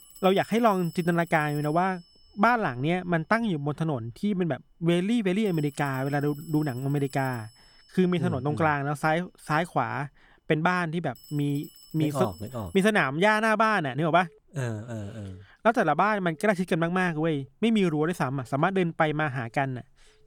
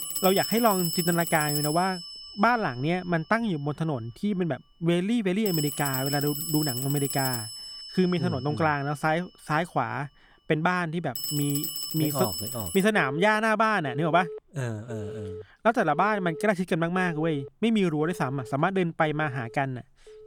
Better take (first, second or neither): first